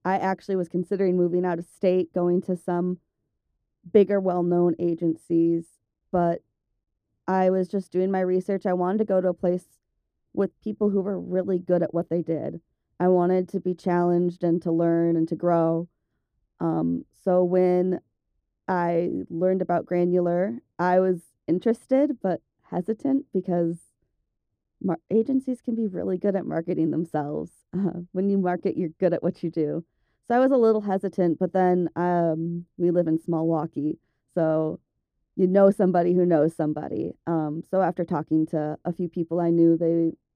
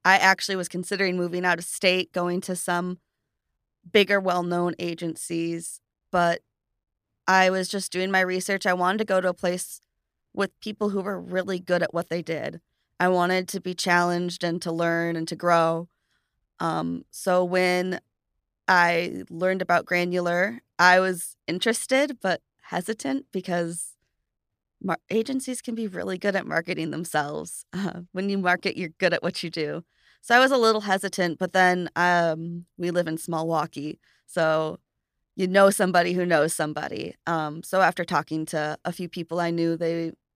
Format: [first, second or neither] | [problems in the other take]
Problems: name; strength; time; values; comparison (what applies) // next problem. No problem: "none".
second | muffled; very; fading above 1 kHz